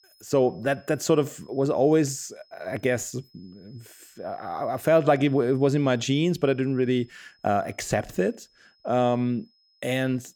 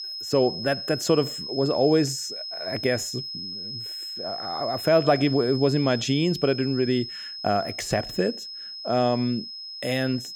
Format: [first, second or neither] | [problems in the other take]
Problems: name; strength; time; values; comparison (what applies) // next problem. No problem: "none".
first | high-pitched whine; loud; throughout; 5 kHz, 8 dB below the speech; faint in the first